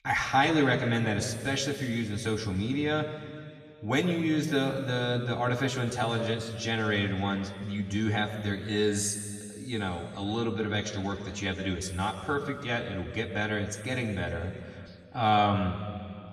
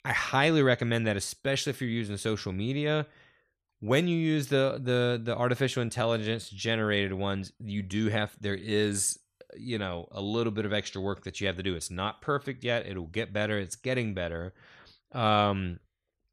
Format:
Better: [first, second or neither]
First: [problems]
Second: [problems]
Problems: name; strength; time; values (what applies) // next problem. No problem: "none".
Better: second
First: room echo; noticeable; dies away in 2 s // off-mic speech; far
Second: none